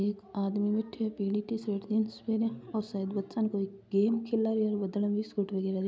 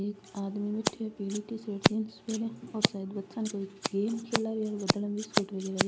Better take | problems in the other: first | background sound (Scissors); as loud as the speech

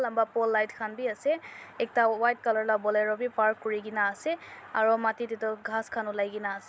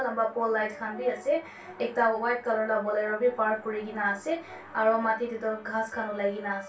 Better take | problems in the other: first | background sound (Brass instrument); 19 dB below the speech // room echo; dies away in 0.2 s

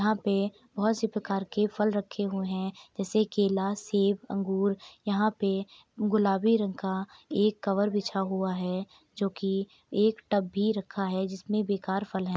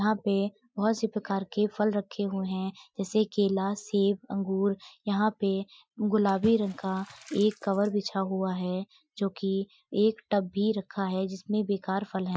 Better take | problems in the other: first | noise reduction (classical method Wiener filter)

